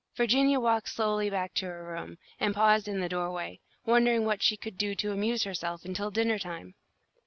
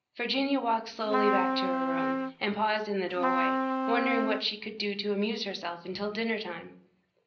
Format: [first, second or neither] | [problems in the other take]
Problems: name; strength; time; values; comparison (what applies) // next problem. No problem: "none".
first | background sound (Trumpet); 1 dB above the speech // room echo; dies away in 0.5 s